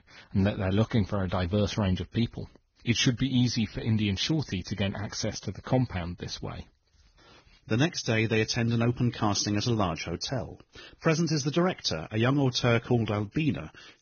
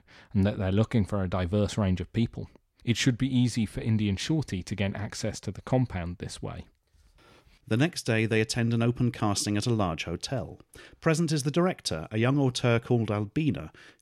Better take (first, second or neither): second